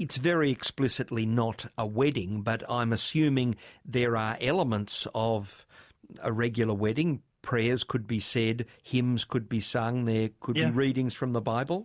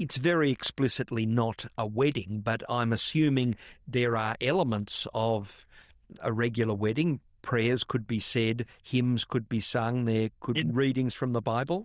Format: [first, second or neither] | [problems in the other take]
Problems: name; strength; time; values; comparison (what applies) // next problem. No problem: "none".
first | noise reduction (neural diffusion model UNIVERSE++)